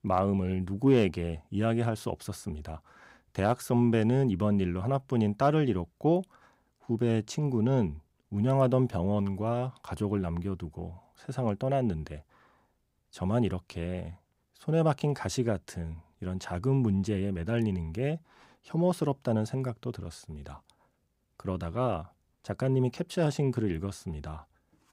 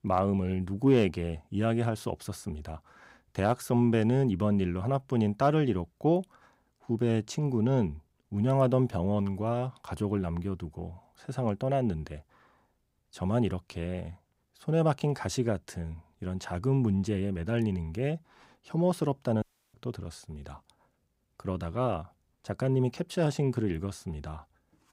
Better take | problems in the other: first | audio cutting out; at 19 s

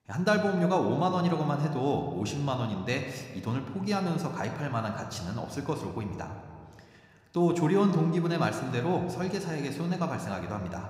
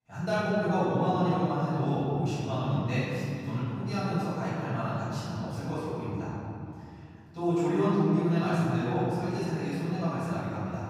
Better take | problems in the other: first | room echo; strong; dies away in 2.8 s; slight in the first // off-mic speech; far

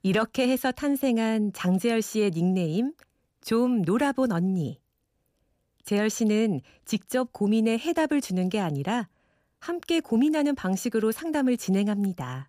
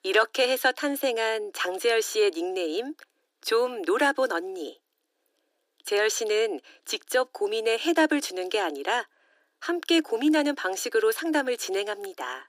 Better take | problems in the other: first | thin; very; fading below 300 Hz

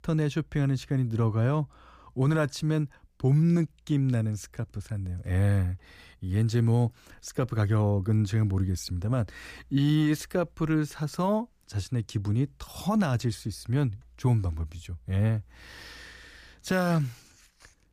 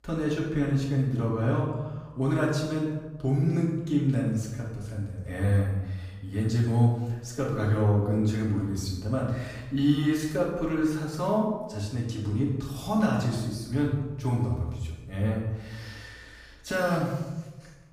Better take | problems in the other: first | room echo; noticeable; dies away in 0.9 s // off-mic speech; far

